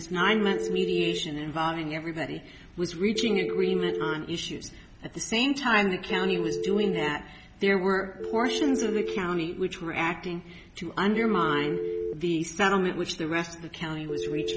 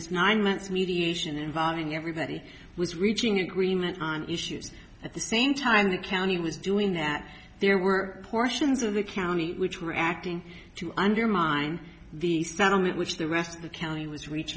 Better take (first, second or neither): second